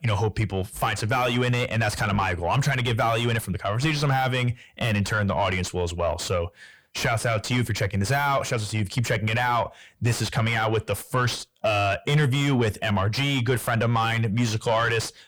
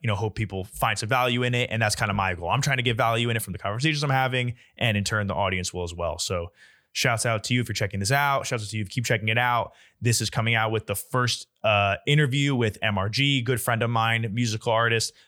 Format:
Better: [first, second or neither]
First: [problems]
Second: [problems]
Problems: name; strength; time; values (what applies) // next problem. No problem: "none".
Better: second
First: distortion; heavy; 7 dB below the speech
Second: none